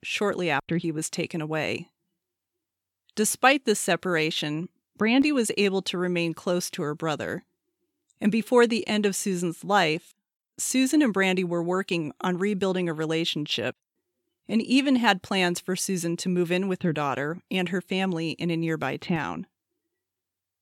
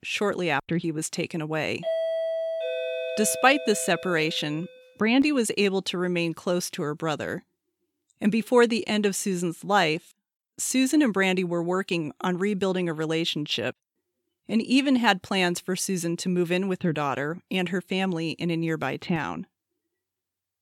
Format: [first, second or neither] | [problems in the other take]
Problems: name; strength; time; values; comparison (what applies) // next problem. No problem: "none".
first | doorbell; noticeable; from 2 to 4.5 s; peak 1 dB below the speech